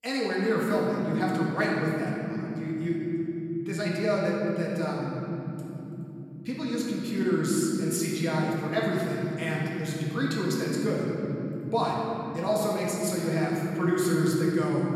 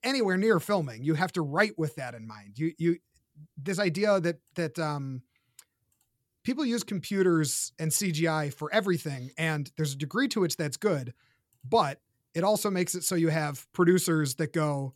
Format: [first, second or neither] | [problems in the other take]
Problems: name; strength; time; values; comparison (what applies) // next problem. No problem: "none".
second | room echo; noticeable; dies away in 3 s // off-mic speech; far